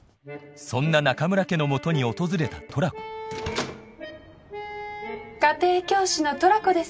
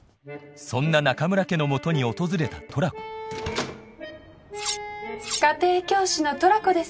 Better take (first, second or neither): first